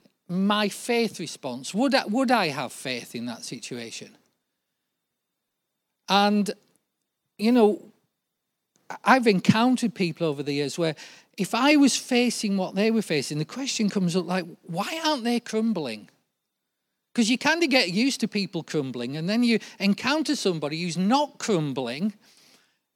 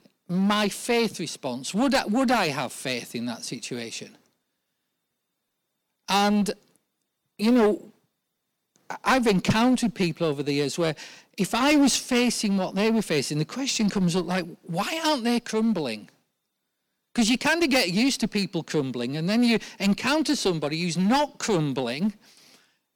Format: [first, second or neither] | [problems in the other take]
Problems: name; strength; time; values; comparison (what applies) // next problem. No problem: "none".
first | distortion; slight; 6% of the sound clipped